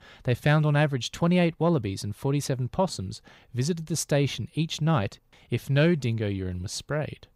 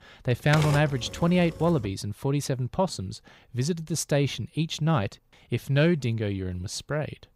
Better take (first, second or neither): first